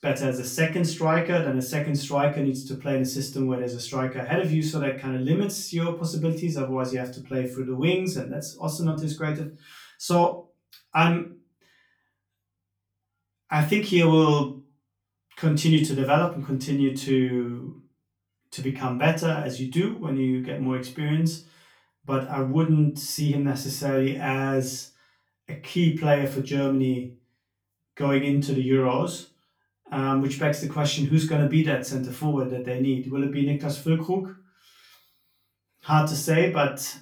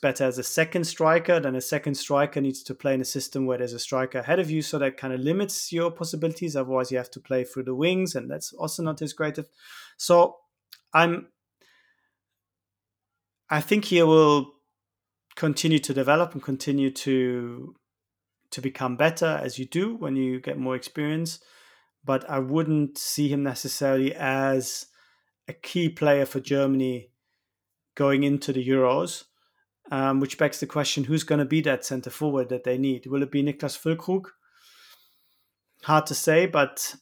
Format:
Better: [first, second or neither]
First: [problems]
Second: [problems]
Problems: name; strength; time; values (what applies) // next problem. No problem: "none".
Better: second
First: off-mic speech; far // room echo; slight; dies away in 0.3 s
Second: none